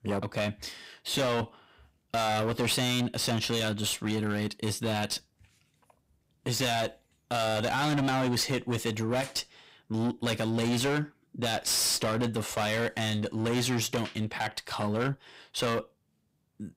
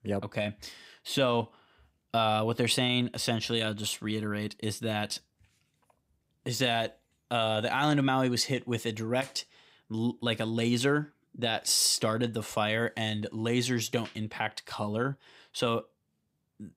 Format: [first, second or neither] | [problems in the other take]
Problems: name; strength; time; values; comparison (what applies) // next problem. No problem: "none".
second | distortion; heavy; 19% of the sound clipped